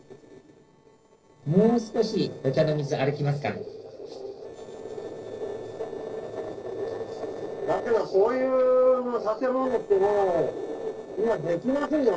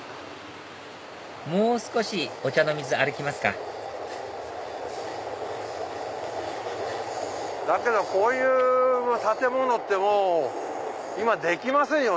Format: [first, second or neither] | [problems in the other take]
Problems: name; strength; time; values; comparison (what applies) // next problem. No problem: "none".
second | noise reduction (neural separator model SepFormer DNS4)